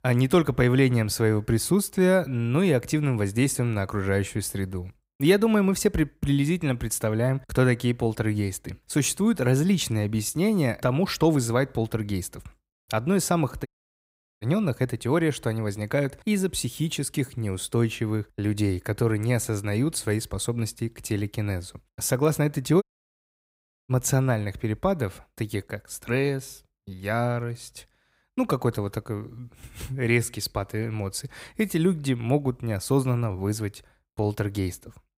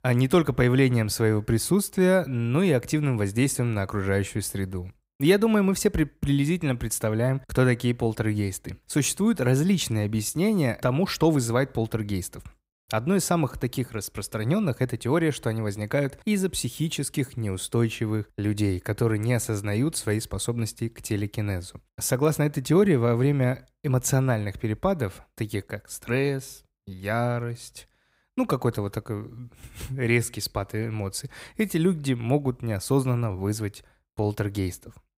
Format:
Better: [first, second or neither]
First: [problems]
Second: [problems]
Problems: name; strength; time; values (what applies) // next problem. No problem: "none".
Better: second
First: audio cutting out; at 14 s for 1 s and at 23 s for 1 s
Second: none